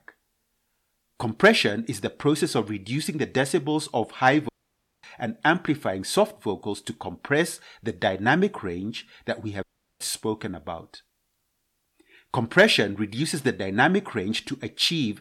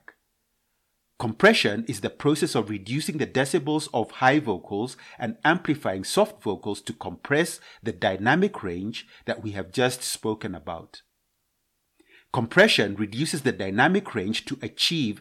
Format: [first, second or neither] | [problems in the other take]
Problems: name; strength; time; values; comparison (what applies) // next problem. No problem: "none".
second | audio cutting out; at 4.5 s for 0.5 s and at 9.5 s